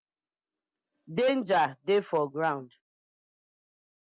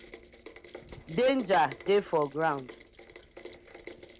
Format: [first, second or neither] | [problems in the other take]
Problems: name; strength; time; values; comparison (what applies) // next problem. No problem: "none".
first | background sound (Rain); 17 dB below the speech